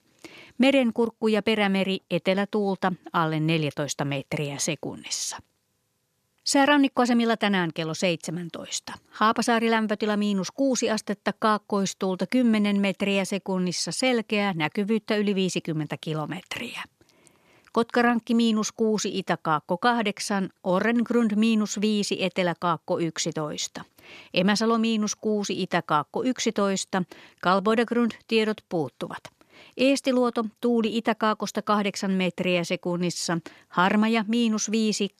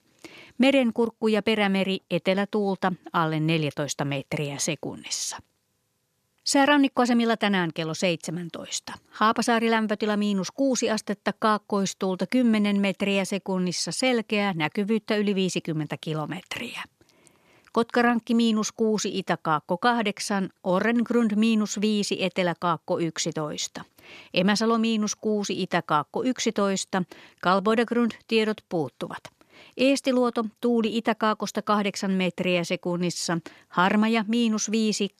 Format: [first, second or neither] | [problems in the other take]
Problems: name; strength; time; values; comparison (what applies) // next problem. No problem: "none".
neither | none